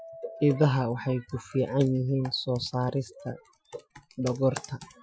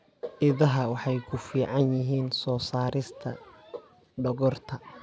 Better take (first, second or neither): second